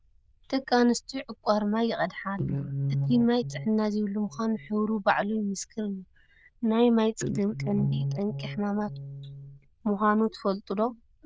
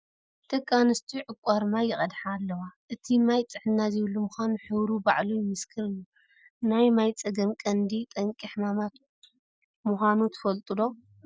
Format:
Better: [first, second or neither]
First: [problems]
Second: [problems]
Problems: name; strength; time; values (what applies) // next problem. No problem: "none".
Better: second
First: noise reduction (neural diffusion model UNIVERSE++)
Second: none